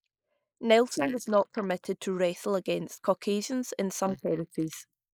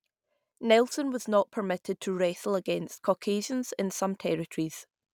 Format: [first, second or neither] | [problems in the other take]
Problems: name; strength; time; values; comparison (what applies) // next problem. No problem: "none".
second | noise reduction (neural mask model Resemble Enhance denoiser)